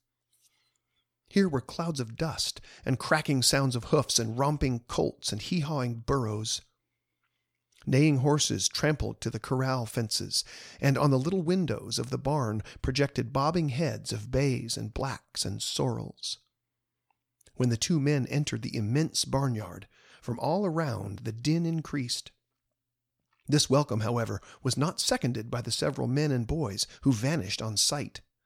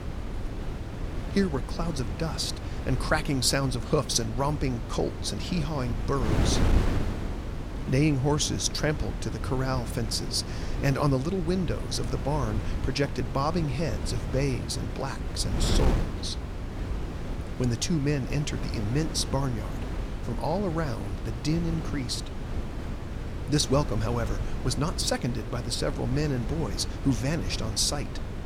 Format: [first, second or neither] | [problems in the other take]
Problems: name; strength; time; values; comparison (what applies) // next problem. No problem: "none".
first | wind noise on the microphone; heavy; 9 dB below the speech